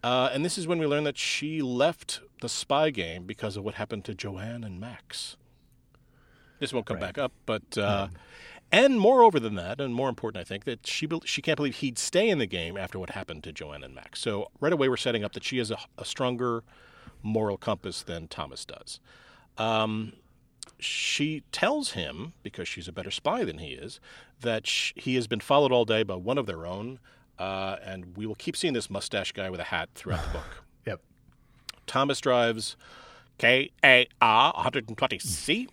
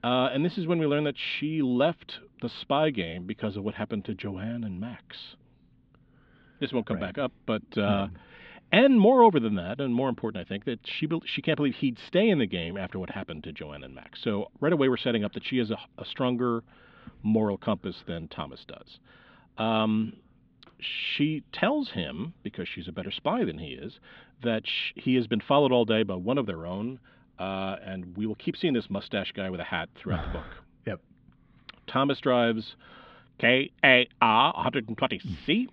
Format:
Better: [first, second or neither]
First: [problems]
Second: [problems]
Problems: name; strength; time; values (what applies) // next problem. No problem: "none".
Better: first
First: none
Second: muffled; slightly; fading above 3.5 kHz